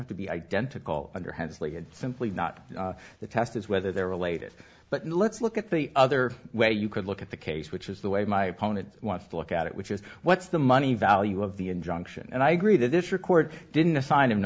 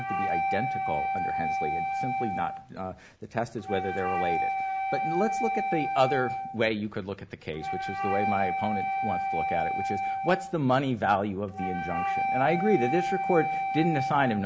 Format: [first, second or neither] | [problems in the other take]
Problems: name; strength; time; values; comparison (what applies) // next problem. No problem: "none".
first | background sound (Wind instrument, woodwind instrument); 1 dB below the speech